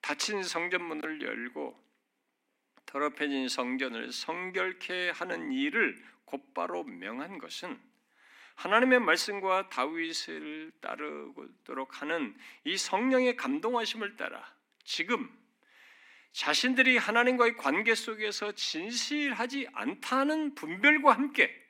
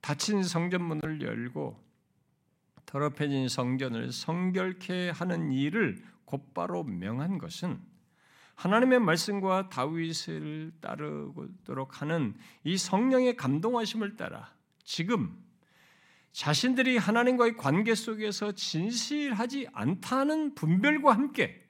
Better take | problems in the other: second | thin; very slightly; fading below 250 Hz

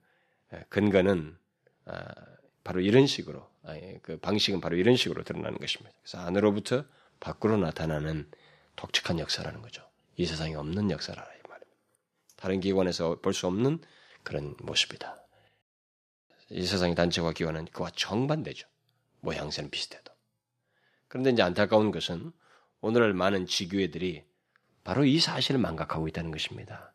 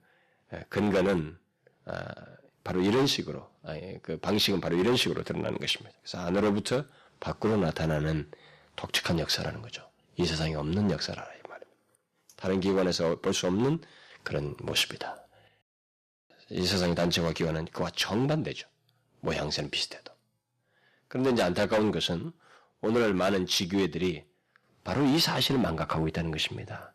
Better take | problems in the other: first | distortion; heavy; 6% of the sound clipped

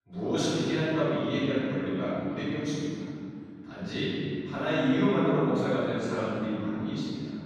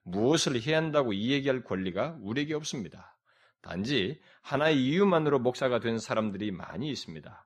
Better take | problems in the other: second | off-mic speech; far // room echo; strong; dies away in 2.7 s

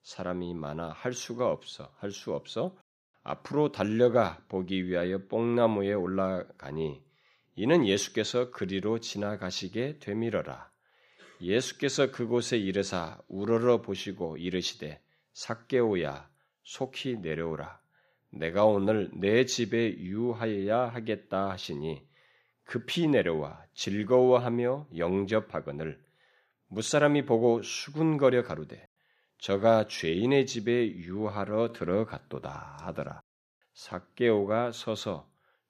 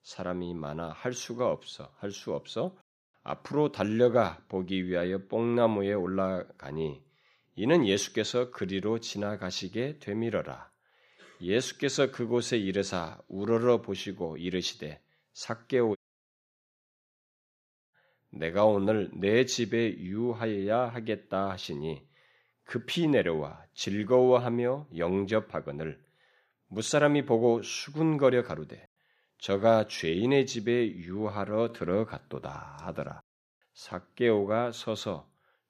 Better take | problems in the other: first | audio cutting out; at 16 s for 2 s

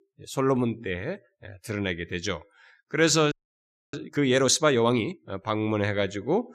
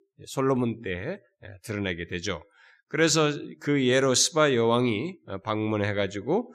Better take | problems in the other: second | audio freezing; at 3.5 s for 0.5 s

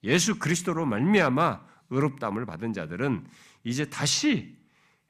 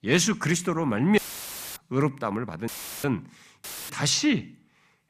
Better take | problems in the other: first | audio cutting out; filled with static; at 1 s for 0.5 s, at 2.5 s and at 3.5 s

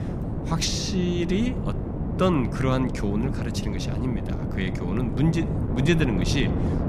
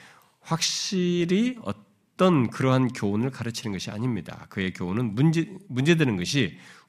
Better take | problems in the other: second | wind noise on the microphone; heavy; 6 dB below the speech

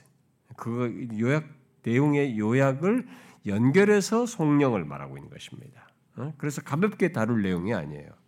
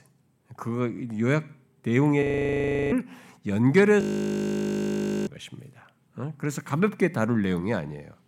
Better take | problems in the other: first | audio freezing; at 2 s for 0.5 s and at 4 s for 1.5 s

